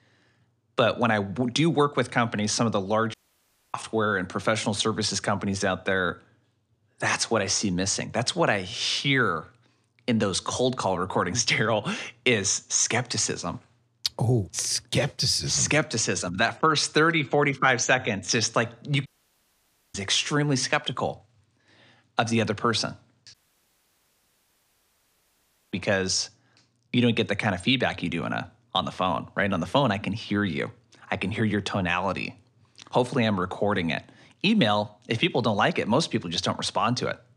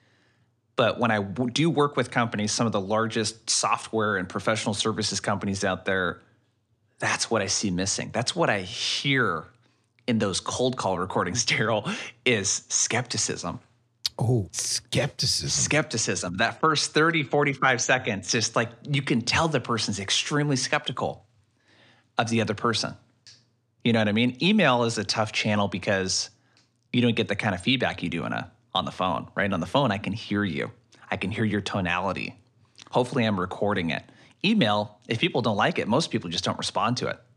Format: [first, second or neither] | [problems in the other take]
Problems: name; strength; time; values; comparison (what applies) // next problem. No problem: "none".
second | audio cutting out; at 3 s for 0.5 s, at 19 s for 1 s and at 23 s for 2.5 s